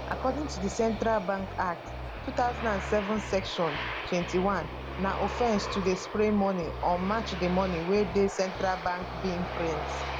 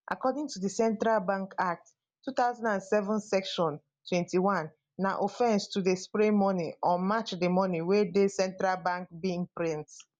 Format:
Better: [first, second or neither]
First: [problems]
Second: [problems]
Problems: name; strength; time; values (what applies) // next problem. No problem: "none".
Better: second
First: background sound (Aircraft + Bass guitar); 6 dB below the speech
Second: none